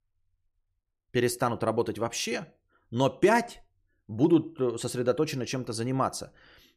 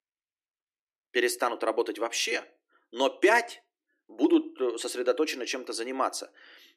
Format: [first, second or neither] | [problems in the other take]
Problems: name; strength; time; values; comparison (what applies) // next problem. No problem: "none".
first | thin; somewhat; fading below 300 Hz